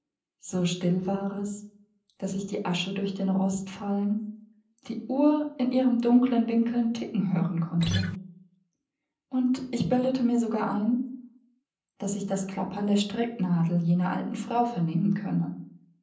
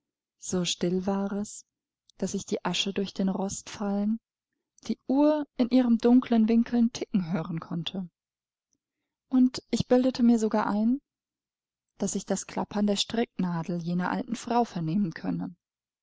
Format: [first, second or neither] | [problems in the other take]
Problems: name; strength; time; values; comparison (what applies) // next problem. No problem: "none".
second | background sound (Acoustic guitar); 2 dB below the speech // room echo; dies away in 0.6 s